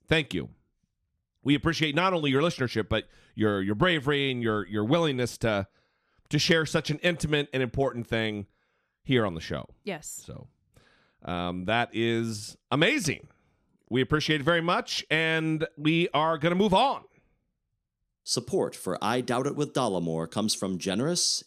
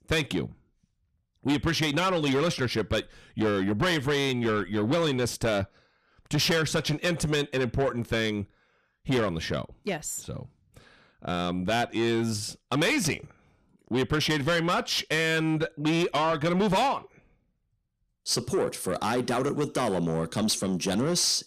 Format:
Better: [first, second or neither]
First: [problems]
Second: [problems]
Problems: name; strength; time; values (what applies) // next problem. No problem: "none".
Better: first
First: none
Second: distortion; heavy; 7 dB below the speech